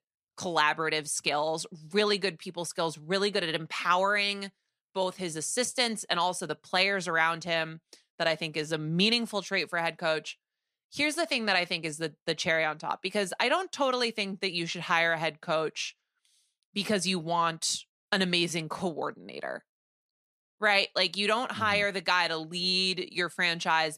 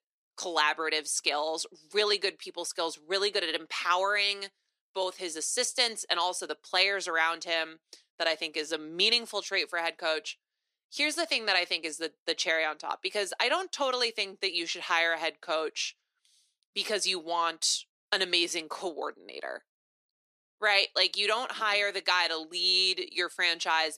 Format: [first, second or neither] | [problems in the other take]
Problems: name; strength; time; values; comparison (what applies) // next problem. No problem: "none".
first | thin; somewhat; fading below 350 Hz